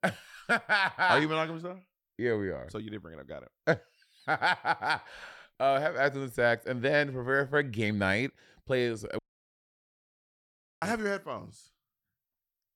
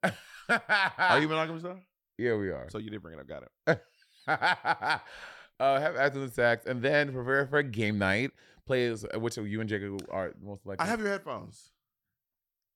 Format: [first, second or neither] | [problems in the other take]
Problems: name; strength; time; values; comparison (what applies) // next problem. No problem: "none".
second | audio cutting out; at 9 s for 1.5 s